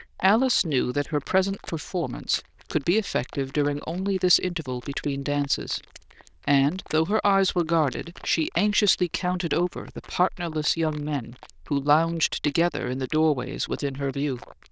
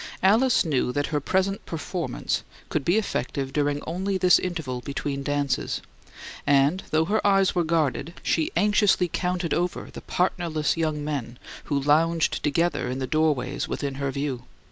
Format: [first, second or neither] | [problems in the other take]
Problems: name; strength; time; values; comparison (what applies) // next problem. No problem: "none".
second | noise reduction (neural diffusion model UNIVERSE++)